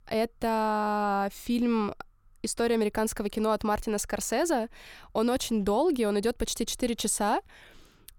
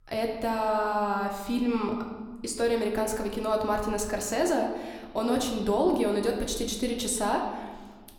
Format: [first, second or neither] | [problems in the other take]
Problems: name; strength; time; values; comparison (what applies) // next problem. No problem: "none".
first | room echo; slight; dies away in 1.1 s